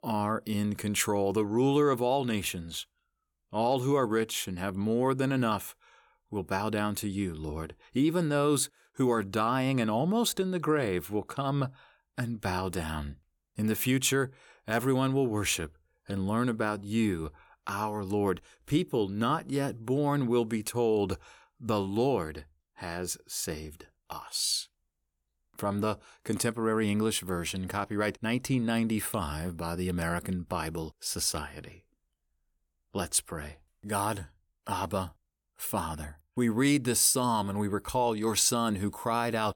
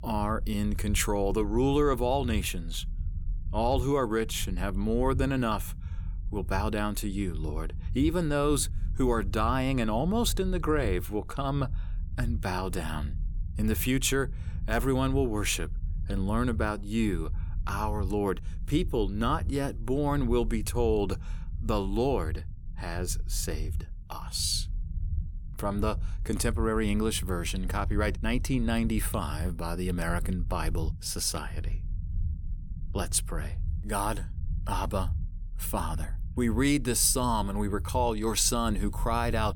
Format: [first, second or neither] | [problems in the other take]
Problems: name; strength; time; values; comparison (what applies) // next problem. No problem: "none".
first | low rumble; faint; throughout; 25 dB below the speech